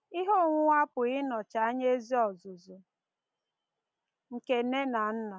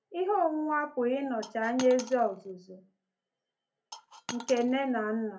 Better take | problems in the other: first | background sound (Coin (dropping)); 14 dB below the speech // room echo; dies away in 0.3 s

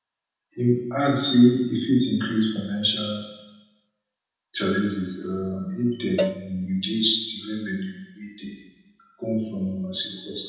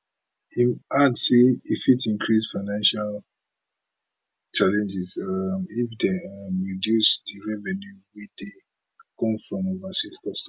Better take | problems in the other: second | background sound (Cowbell); 8 dB below the speech // room echo; dies away in 1 s

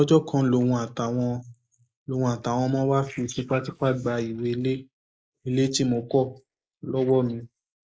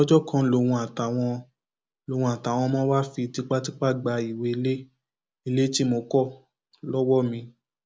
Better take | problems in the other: second | noise reduction (neural mask model Resemble Enhance denoiser)

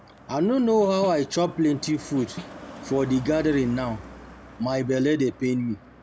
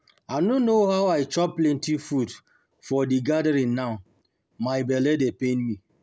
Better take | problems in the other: second | background sound (Snare drum + Car passing by); 17 dB below the speech

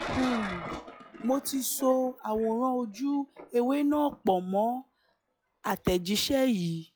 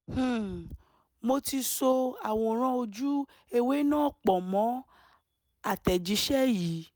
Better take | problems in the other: second | noise reduction (classical method log-MMSE)

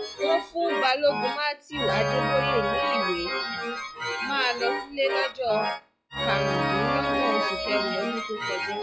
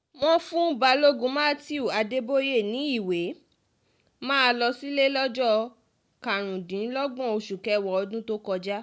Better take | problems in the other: second | noise reduction (classical method log-MMSE)

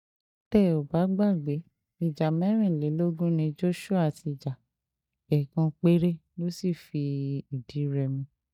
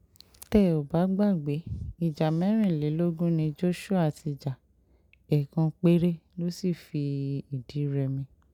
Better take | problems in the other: second | noise reduction (neural mask model DeepFilterNet 3)

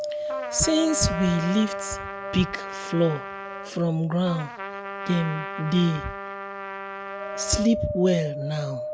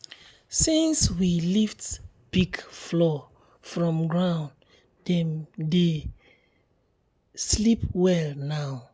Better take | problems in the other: second | background sound (Wind + Trumpet); 7 dB below the speech

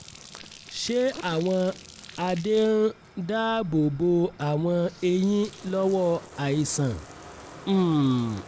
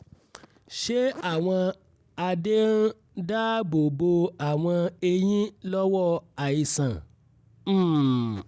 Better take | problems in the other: second | background sound (Bathtub (filling or washing)); 20 dB below the speech

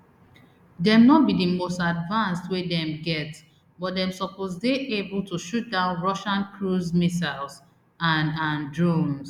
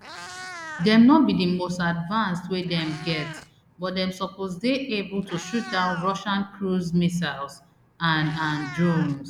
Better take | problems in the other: first | background sound (Meow); 17 dB below the speech

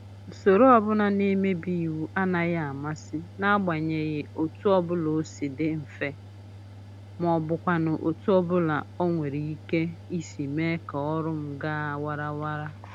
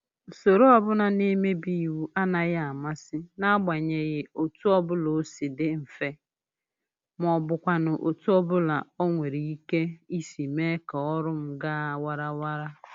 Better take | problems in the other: second | background sound (Mechanical fan); 17 dB below the speech

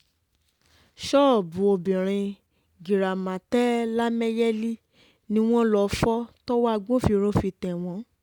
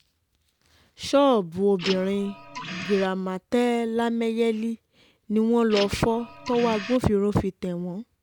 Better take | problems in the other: first | background sound (Printer); 10 dB below the speech

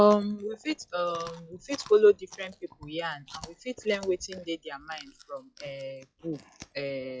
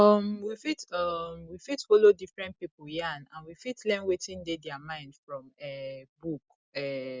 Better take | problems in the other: second | noise reduction (classical method log-MMSE)

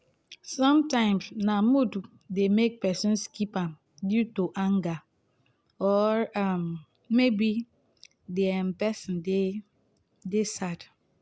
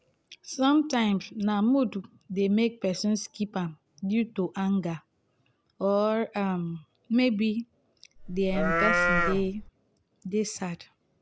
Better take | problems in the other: first | background sound (Livestock, farm animals, working animals); 2 dB above the speech

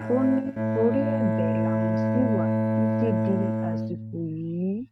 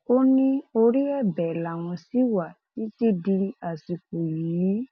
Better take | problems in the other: second | noise reduction (neural mask model RNNoise)

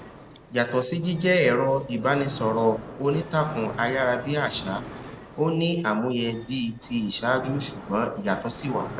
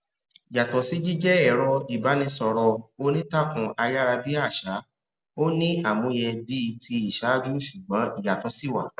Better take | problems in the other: second | background sound (Mechanisms); 14 dB below the speech

